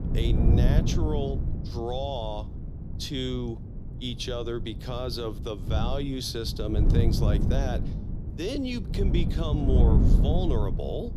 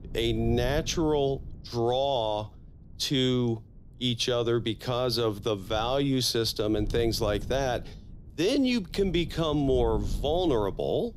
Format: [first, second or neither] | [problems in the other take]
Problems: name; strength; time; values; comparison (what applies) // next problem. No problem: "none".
second | wind noise on the microphone; heavy; 5 dB below the speech; occasional gusts in the second